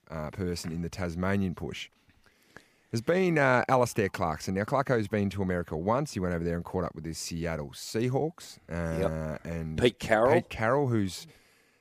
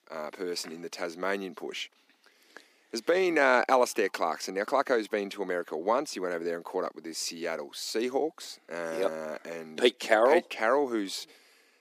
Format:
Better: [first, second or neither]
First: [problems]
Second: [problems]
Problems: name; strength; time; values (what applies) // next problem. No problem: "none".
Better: first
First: none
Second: thin; somewhat; fading below 250 Hz